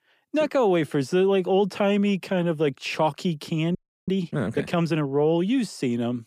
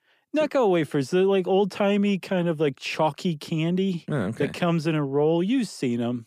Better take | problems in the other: second | audio freezing; at 4 s

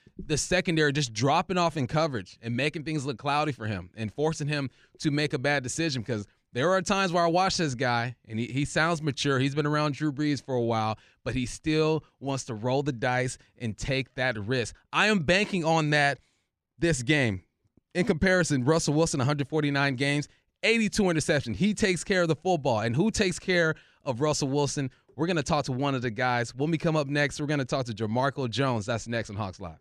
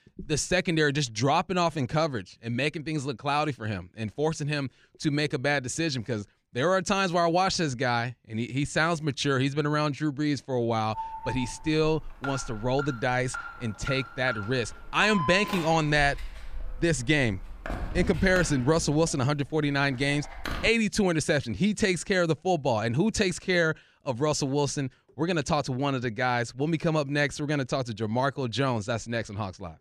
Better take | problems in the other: first | alarm; noticeable; from 11 to 21 s; peak 5 dB below the speech

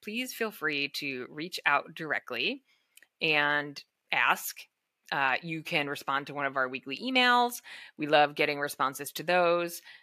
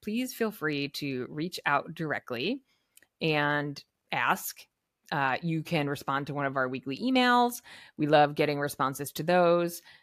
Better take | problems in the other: second | thin; very slightly; fading below 400 Hz

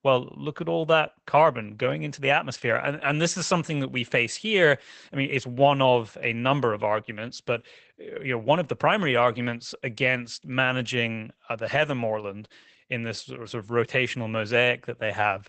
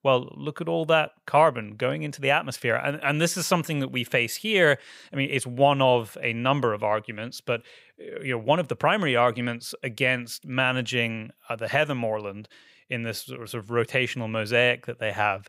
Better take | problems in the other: second | garbled, watery; badly; nothing above 8 kHz

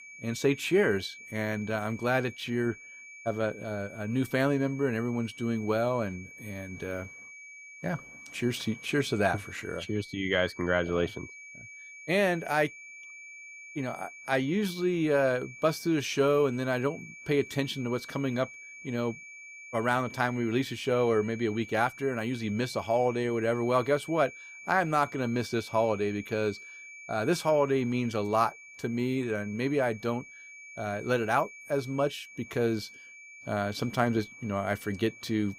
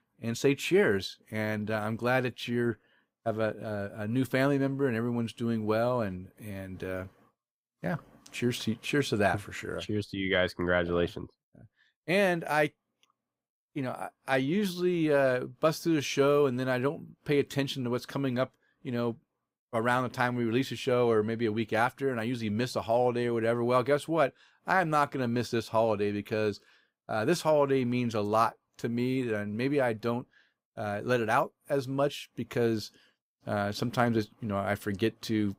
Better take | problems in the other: second | high-pitched whine; noticeable; throughout; 2.5 kHz, 15 dB below the speech

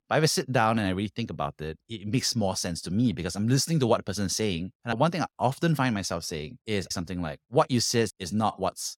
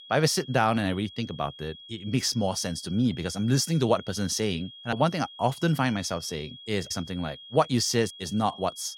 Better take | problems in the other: first | high-pitched whine; noticeable; throughout; 3.5 kHz, 15 dB below the speech

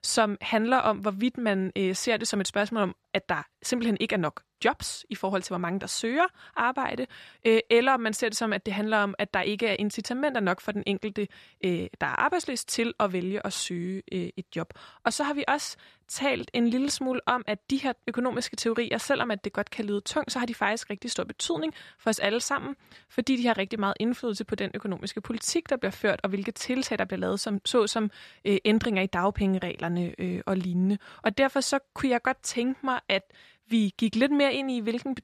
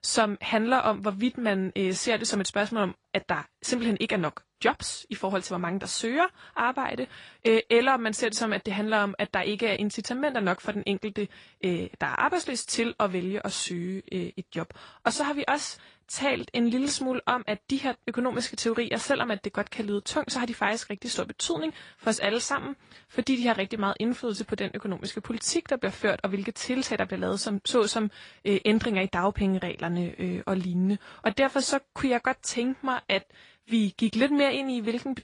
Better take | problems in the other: first | garbled, watery; slightly; nothing above 10 kHz

